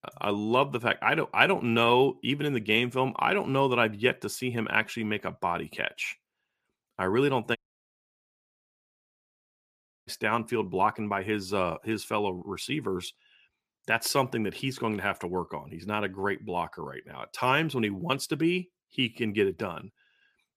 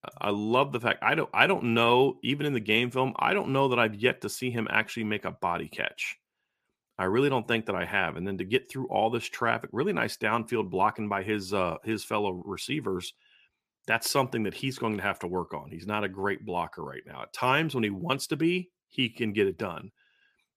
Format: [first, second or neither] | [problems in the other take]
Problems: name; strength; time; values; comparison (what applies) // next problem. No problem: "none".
second | audio cutting out; at 7.5 s for 2.5 s